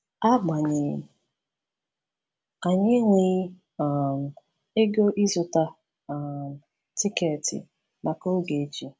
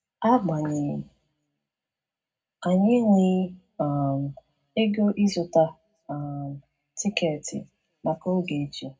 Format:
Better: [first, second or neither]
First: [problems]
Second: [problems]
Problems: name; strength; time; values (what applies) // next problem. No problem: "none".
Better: first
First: none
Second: room echo; dies away in 0.3 s